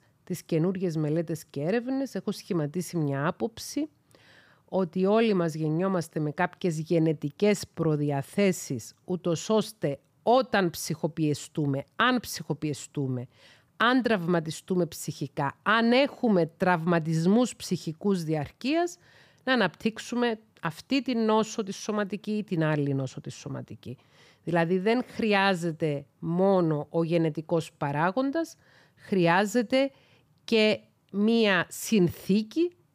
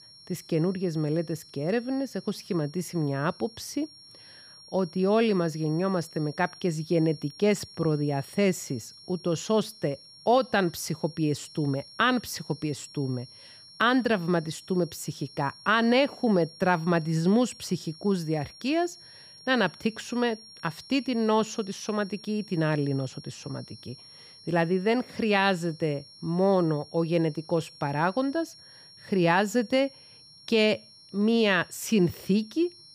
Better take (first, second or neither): first